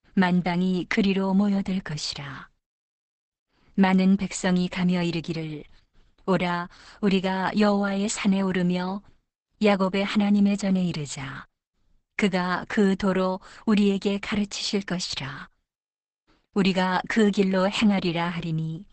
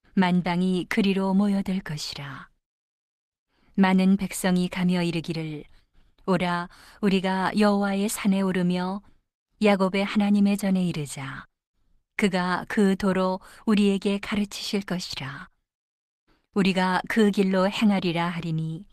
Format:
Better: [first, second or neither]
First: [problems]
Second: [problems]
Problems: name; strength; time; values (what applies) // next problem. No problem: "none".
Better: second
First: garbled, watery; badly; nothing above 8 kHz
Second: garbled, watery; slightly; nothing above 14.5 kHz